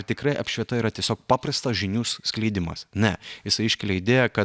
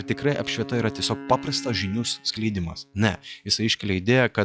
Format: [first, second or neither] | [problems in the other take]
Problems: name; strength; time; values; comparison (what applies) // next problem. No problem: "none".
first | noise reduction (classical method log-MMSE)